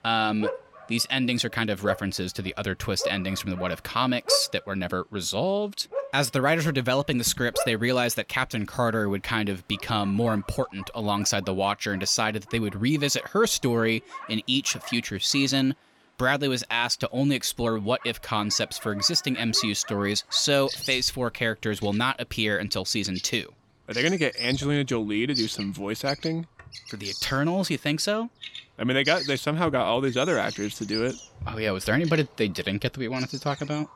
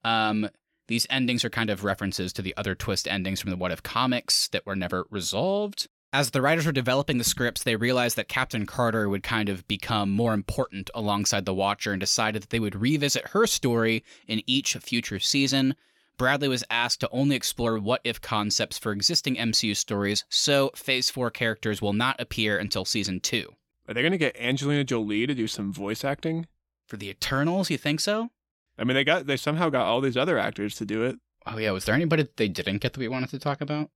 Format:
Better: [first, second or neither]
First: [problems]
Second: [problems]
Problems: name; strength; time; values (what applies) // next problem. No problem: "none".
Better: second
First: animal sounds; noticeable; throughout; 10 dB below the speech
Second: none